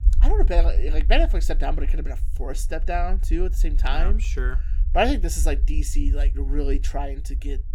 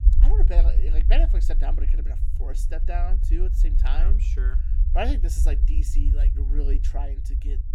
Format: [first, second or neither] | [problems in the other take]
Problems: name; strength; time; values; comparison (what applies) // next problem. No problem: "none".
first | low rumble; loud; throughout; 10 dB below the speech; faint in the first